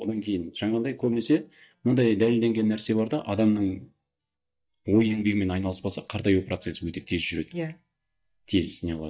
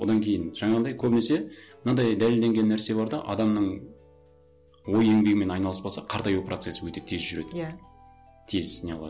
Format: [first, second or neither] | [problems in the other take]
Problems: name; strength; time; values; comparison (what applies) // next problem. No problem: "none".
second | noise reduction (neural mask model DeepFilterNet 3)